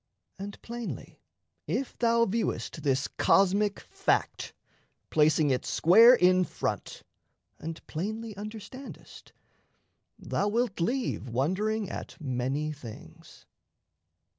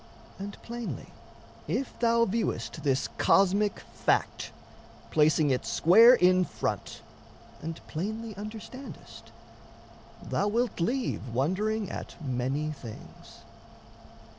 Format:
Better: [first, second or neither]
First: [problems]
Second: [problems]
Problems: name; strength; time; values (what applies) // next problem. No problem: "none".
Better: first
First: none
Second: background sound (Mechanical fan); 20 dB below the speech